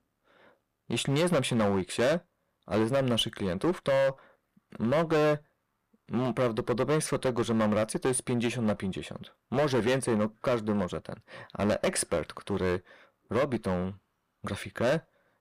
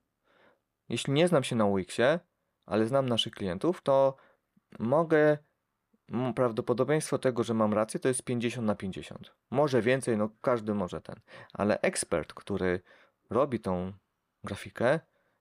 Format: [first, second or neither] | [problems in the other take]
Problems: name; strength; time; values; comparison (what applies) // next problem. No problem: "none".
second | distortion; heavy; 9% of the sound clipped